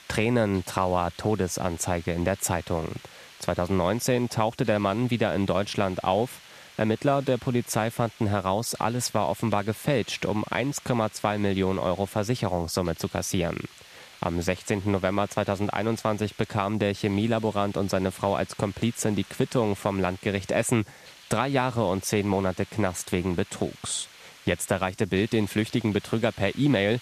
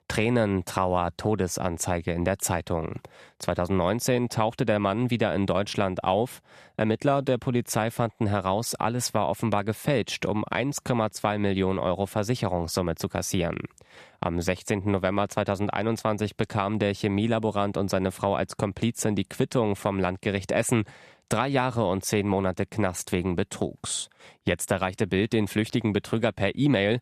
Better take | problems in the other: second | hiss; faint; throughout; 20 dB below the speech

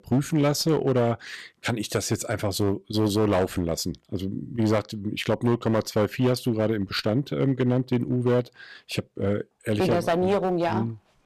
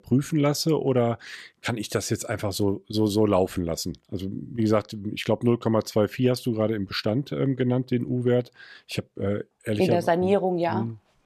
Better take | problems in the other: second | distortion; slight; 8% of the sound clipped

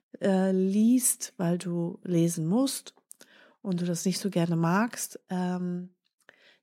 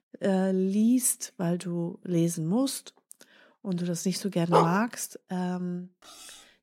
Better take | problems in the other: first | dog barking; loud; at 4.5 s; peak 3 dB above the speech // clattering dishes; faint; at 6 s; peak 15 dB below the speech

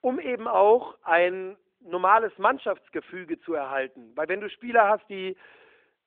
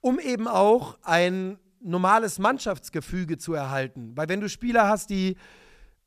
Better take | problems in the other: second | phone-call audio

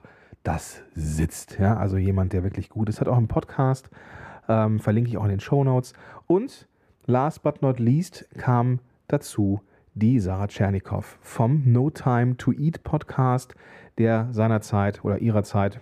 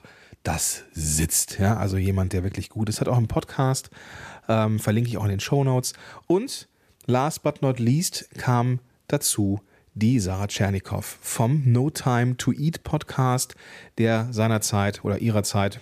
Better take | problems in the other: second | muffled; very; fading above 2.5 kHz

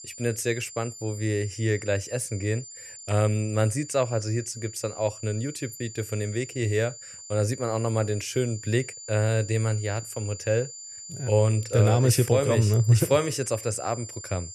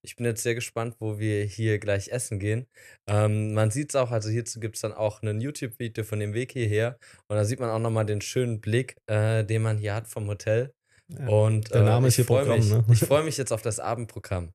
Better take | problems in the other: second | high-pitched whine; noticeable; throughout; 7 kHz, 15 dB below the speech

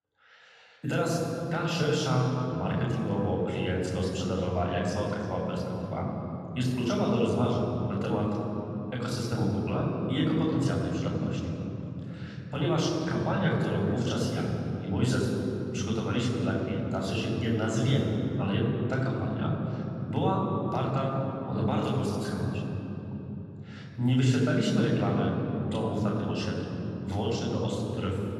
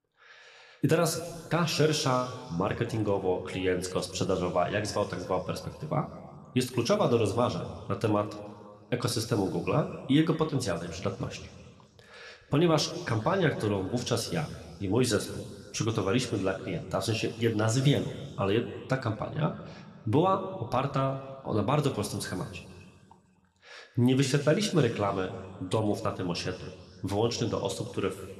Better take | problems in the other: second | room echo; strong; dies away in 3 s; slight in the second // off-mic speech; far

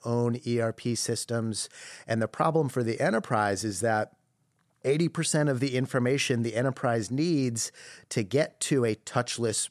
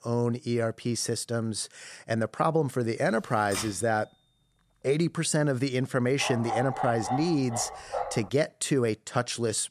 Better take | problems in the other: first | keyboard typing; noticeable; at 3.5 s; peak 8 dB below the speech // dog barking; noticeable; from 6 to 8.5 s; peak 4 dB below the speech

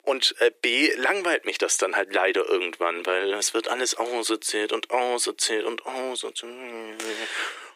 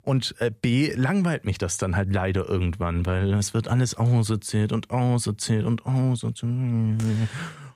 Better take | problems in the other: second | thin; very; fading below 350 Hz

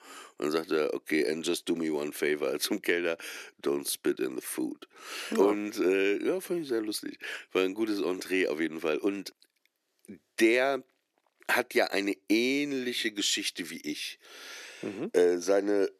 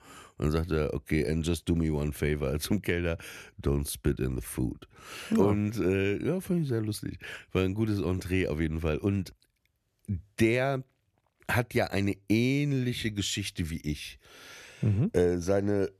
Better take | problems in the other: second | thin; somewhat; fading below 300 Hz

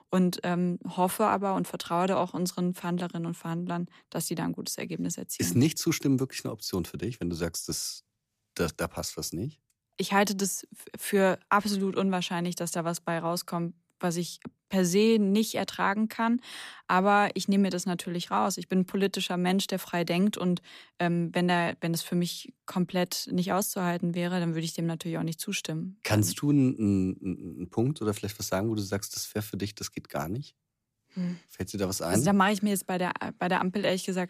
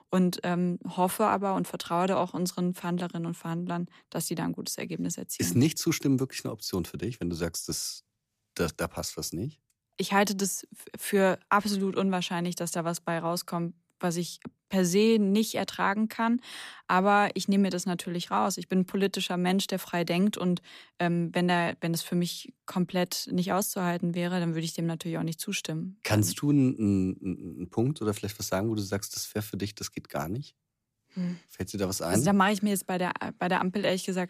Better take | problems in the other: neither | none

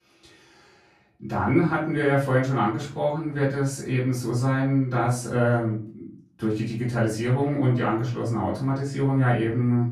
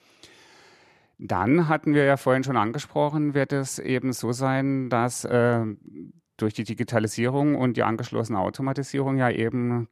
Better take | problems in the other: second | off-mic speech; far // room echo; slight; dies away in 0.4 s

